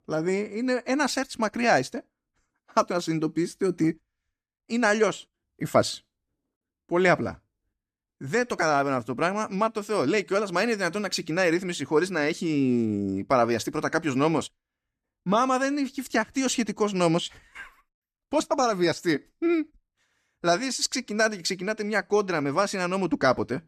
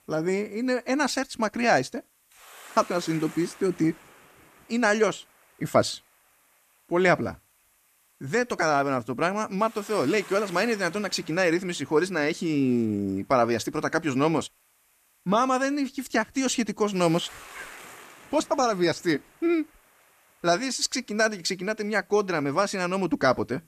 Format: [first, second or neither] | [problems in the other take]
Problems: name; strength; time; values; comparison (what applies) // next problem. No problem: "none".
first | hiss; faint; throughout; 20 dB below the speech